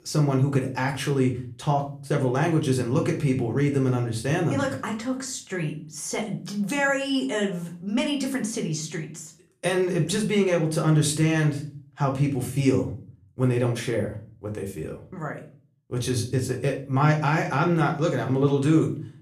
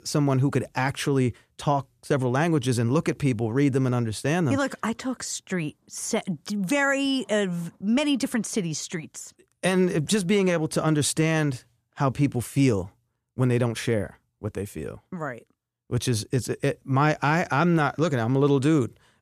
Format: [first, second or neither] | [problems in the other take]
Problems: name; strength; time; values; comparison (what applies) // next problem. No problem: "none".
second | room echo; very slight; dies away in 0.4 s // off-mic speech; somewhat distant